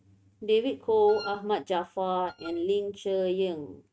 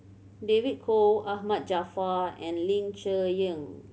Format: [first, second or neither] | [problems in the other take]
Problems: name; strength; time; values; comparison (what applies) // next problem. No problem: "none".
second | noise reduction (neural mask model RNNoise)